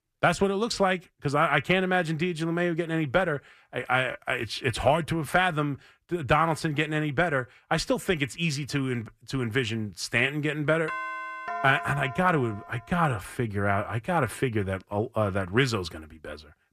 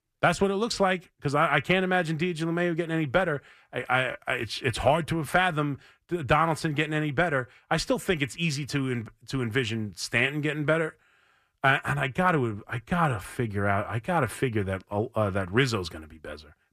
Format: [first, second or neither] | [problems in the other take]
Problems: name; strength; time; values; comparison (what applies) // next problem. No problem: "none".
second | doorbell; noticeable; from 11 to 13 s; peak 6 dB below the speech